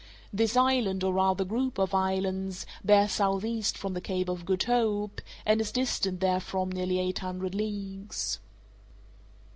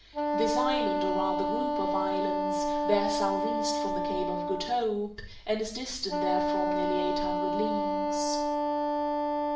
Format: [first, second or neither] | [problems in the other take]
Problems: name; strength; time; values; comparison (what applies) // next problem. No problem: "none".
first | background sound (Wind instrument, woodwind instrument); 4 dB above the speech // room echo; dies away in 0.5 s